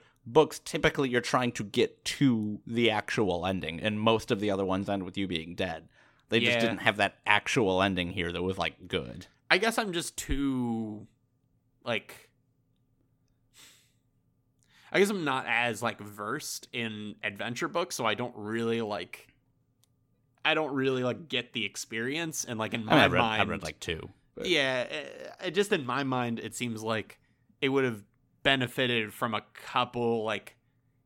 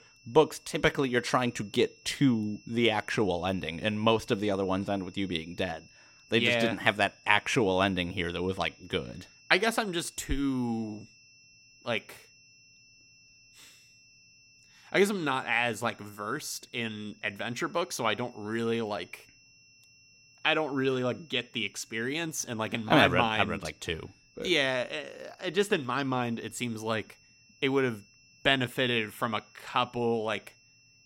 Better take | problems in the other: first | high-pitched whine; faint; throughout; 2.5 kHz, 30 dB below the speech

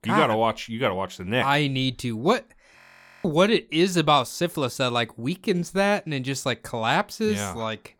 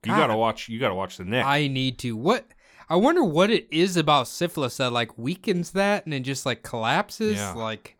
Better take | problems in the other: second | audio freezing; at 3 s

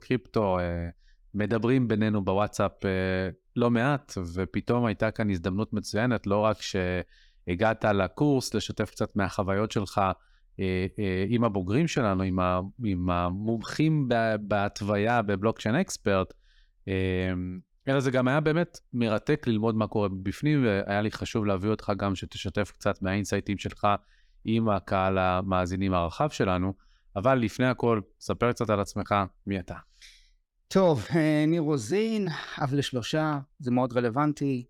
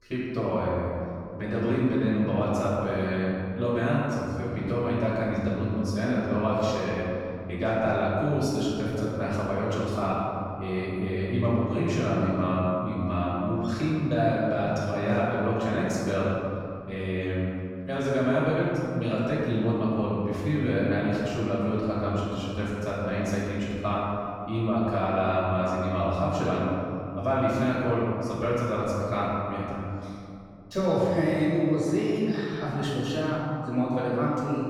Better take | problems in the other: first | room echo; strong; dies away in 2.4 s // off-mic speech; far

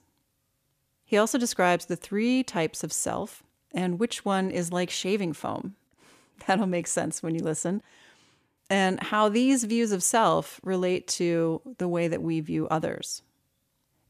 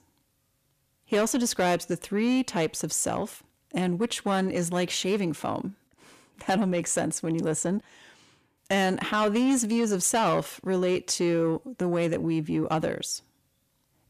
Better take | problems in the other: first | distortion; slight; 10 dB below the speech

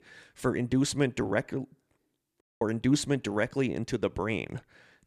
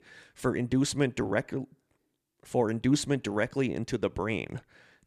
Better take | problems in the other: second | audio cutting out; at 2.5 s

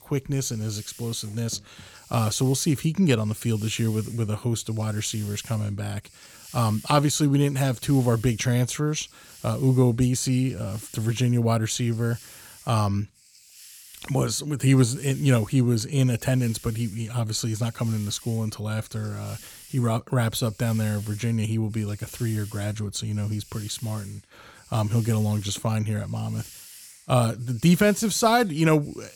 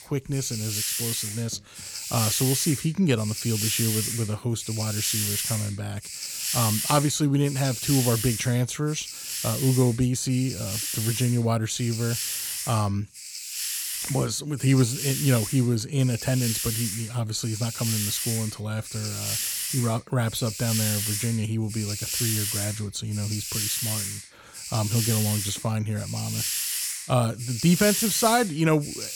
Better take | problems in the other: first | hiss; loud; throughout; 2 dB below the speech; faint in the first

